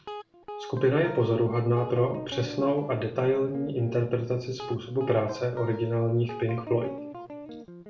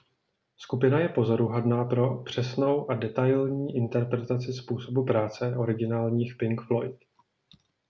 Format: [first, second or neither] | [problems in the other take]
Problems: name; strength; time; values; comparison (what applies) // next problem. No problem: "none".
second | background sound (Guitar); 13 dB below the speech // room echo; dies away in 0.5 s